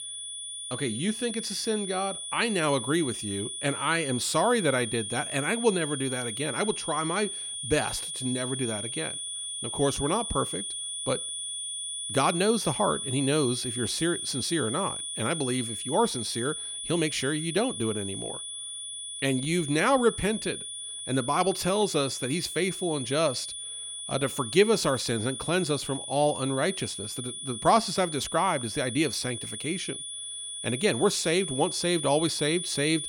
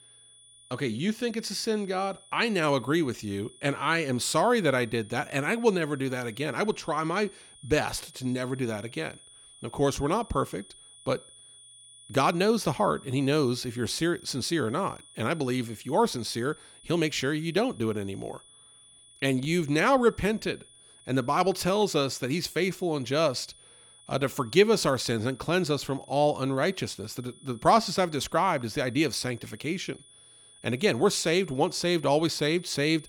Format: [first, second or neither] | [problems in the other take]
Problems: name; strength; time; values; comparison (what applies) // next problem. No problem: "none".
second | high-pitched whine; loud; throughout; 3.5 kHz, 5 dB below the speech; faint in the second